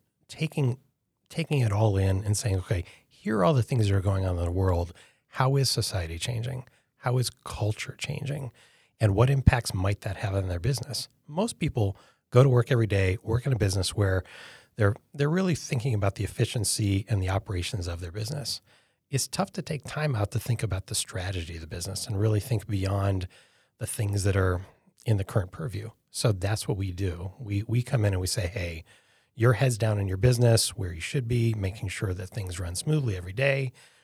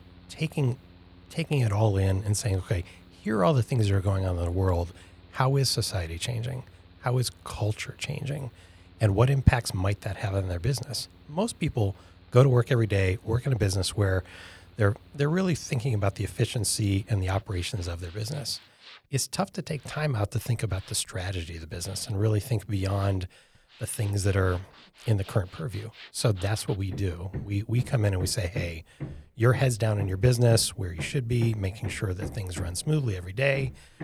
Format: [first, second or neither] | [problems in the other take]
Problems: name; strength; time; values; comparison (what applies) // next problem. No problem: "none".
first | machinery noise; noticeable; throughout; 20 dB below the speech